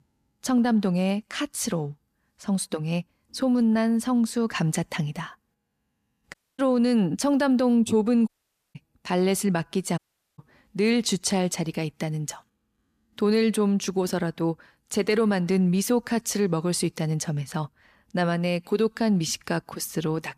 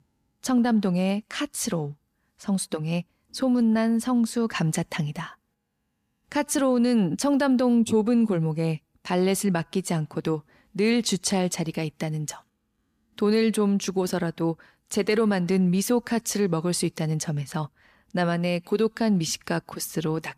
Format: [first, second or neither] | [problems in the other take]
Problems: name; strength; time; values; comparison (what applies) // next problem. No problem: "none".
second | audio cutting out; at 6.5 s, at 8.5 s and at 10 s